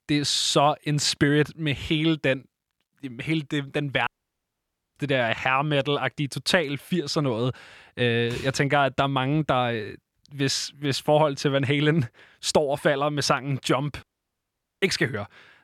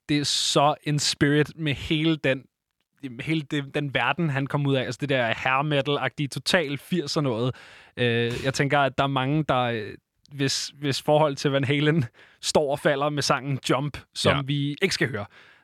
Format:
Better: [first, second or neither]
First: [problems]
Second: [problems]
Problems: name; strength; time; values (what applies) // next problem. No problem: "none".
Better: second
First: audio cutting out; at 4 s for 1 s and at 14 s for 1 s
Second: none